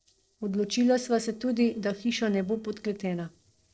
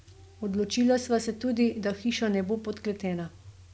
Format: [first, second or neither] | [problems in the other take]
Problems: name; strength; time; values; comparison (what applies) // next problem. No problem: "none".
second | noise reduction (neural separator model SepFormer DNS4)